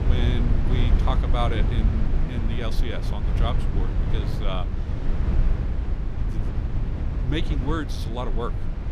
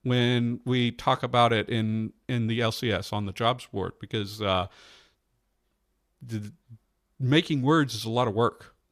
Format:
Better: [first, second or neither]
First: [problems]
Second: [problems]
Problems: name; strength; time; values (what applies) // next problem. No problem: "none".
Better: second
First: low rumble; loud; throughout; 5 dB below the speech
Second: none